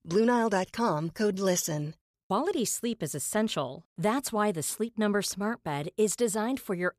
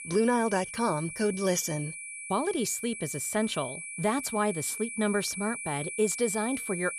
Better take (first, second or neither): first